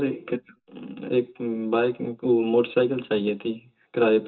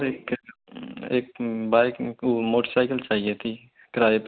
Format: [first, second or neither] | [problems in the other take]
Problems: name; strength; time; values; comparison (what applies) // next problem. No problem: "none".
second | room echo; dies away in 0.2 s